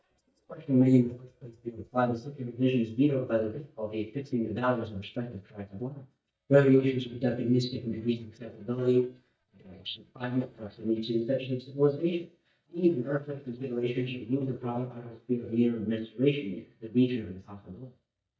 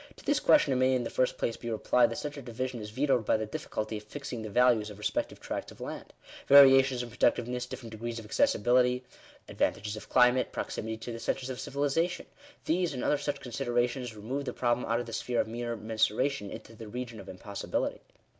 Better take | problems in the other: second | noise reduction (neural mask model DeepFilterNet 3)

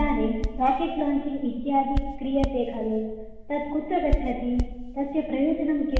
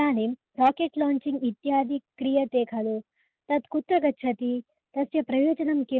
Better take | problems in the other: second | background sound (Hands); 5 dB below the speech // room echo; dies away in 1.2 s

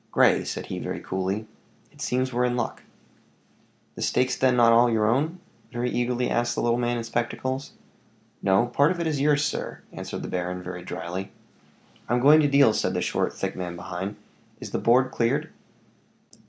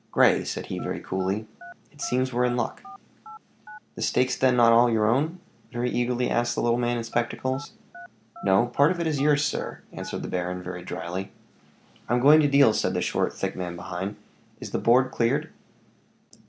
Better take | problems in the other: first | background sound (Telephone); 18 dB below the speech

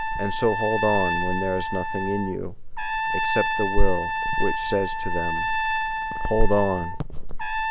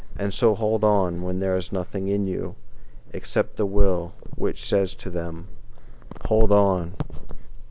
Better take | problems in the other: second | background sound (Trumpet); 4 dB below the speech

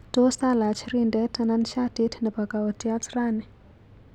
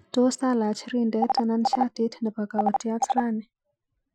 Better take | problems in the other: first | noise reduction (classical method Wiener filter)

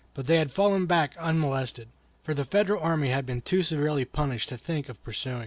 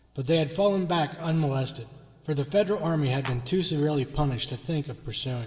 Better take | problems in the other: first | background sound (Clapping); 15 dB below the speech // room echo; dies away in 2 s

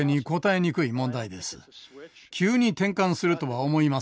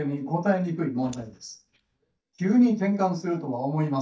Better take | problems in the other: first | noise reduction (neural mask model DeepFilterNet 3)

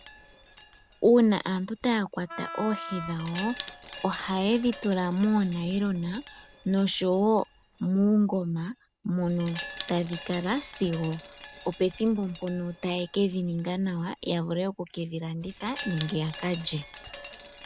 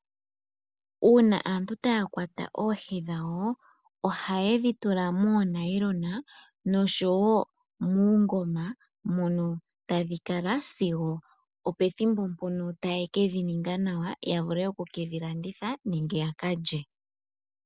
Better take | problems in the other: second | background sound (Wind chime + Wind instrument, woodwind instrument); 16 dB below the speech

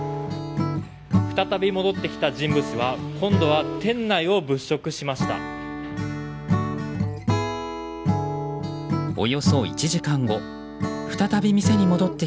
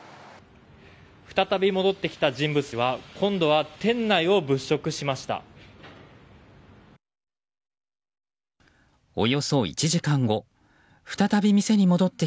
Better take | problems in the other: second | background sound (Acoustic guitar / Strum); 2 dB below the speech

